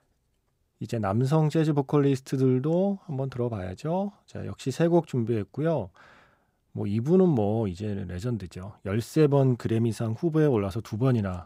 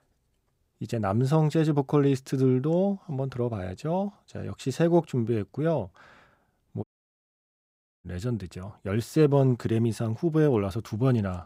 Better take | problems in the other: first | audio cutting out; at 7 s for 1 s

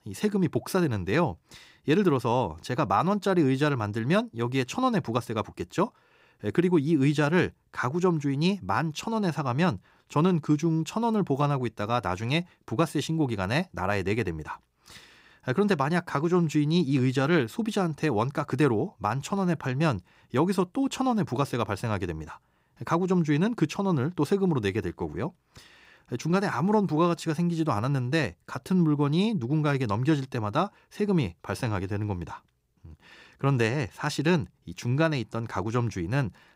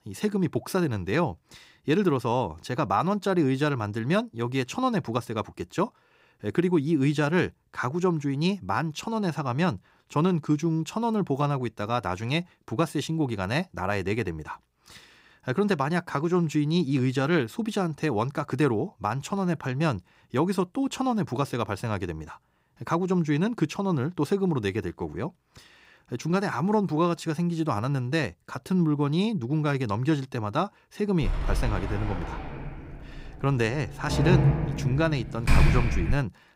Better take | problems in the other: first | door banging; loud; from 31 s on; peak 6 dB above the speech

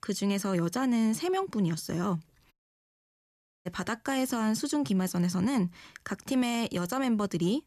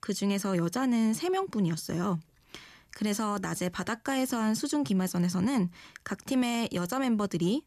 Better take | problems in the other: second | audio cutting out; at 2.5 s for 1 s

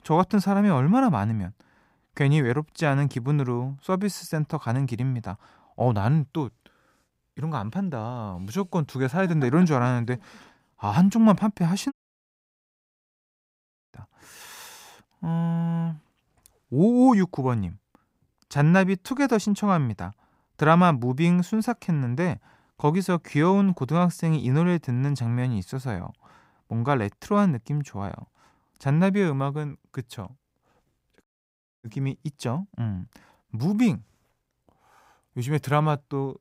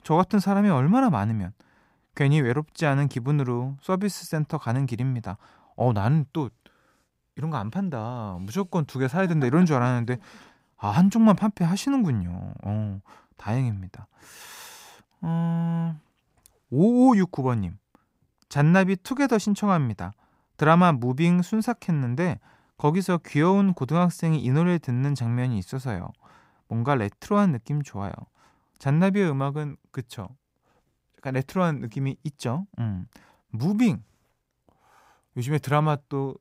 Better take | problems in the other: second | audio cutting out; at 12 s for 2 s and at 31 s for 0.5 s

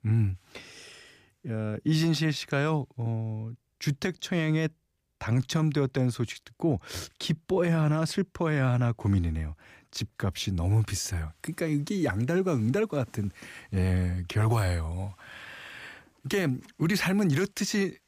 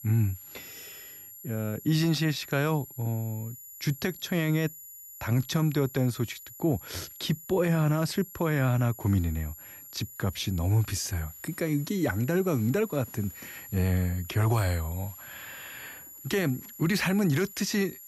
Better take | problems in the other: first | high-pitched whine; noticeable; throughout; 11.5 kHz, 15 dB below the speech

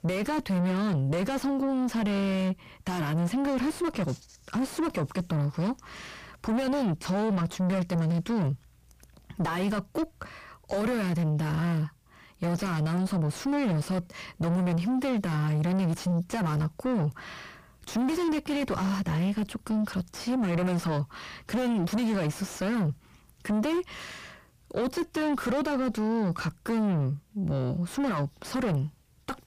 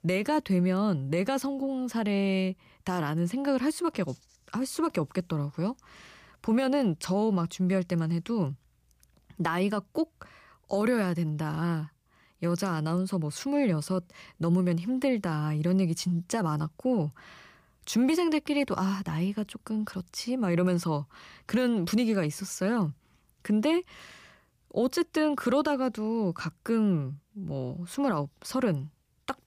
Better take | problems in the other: second | distortion; heavy; 6 dB below the speech

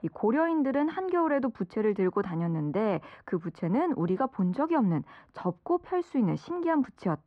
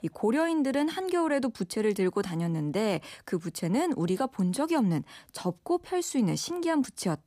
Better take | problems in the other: second | muffled; very; fading above 1.5 kHz

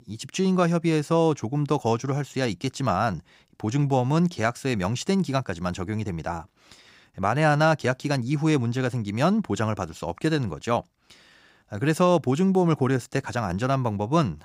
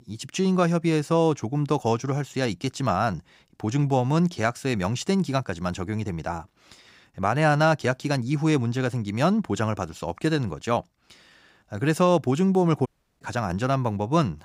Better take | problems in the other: first | audio cutting out; at 13 s

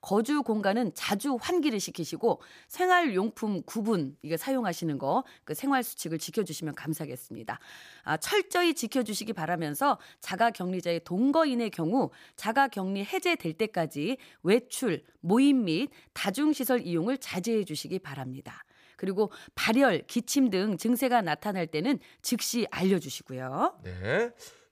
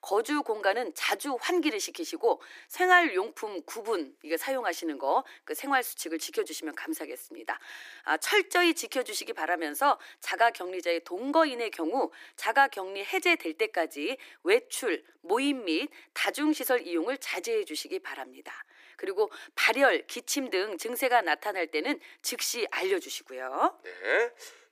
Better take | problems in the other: first | thin; somewhat; fading below 300 Hz

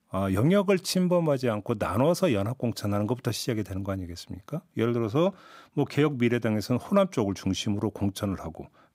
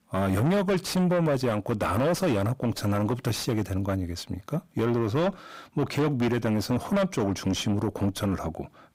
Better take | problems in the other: first | distortion; heavy; 7 dB below the speech

